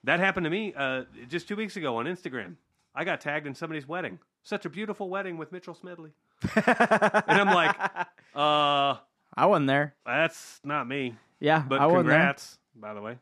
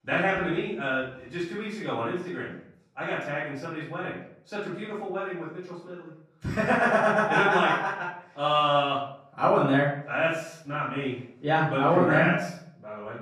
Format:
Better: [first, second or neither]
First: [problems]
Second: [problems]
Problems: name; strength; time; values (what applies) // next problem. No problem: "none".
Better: first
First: none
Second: off-mic speech; far // room echo; noticeable; dies away in 0.6 s